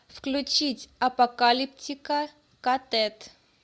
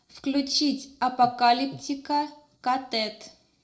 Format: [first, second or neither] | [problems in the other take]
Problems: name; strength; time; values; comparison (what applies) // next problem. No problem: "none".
first | noise reduction (neural separator model SepFormer DNS4)